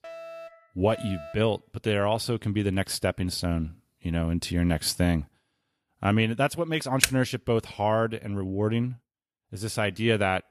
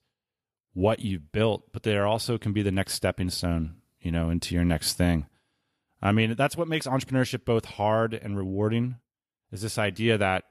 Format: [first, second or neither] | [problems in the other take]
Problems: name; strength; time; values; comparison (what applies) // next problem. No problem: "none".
second | alarm; faint; until 1.5 s; peak 15 dB below the speech // keyboard typing; very faint; at 7 s; peak 2 dB above the speech